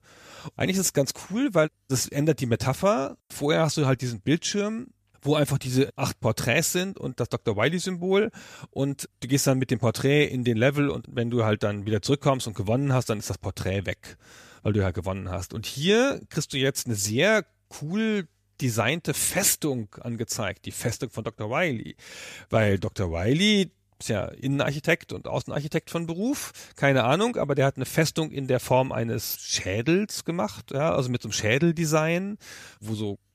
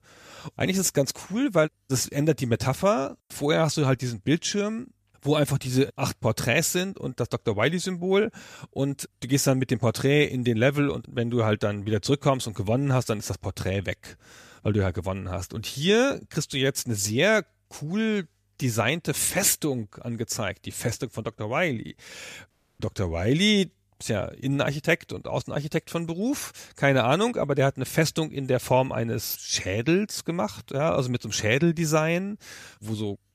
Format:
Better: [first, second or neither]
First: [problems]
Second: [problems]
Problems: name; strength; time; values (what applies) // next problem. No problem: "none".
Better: first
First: none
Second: audio cutting out; at 23 s